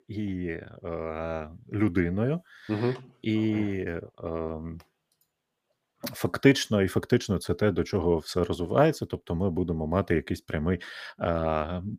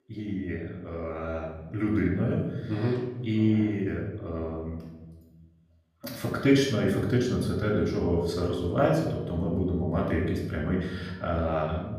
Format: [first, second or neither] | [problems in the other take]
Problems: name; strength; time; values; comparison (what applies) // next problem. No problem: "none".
first | off-mic speech; far // room echo; noticeable; dies away in 1.2 s